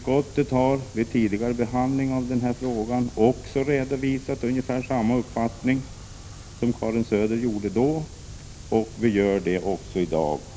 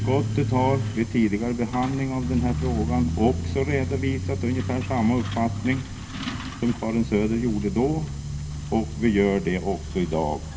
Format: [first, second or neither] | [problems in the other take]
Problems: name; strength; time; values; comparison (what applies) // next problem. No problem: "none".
first | background sound (Truck); 5 dB below the speech // room echo; dies away in 0.3 s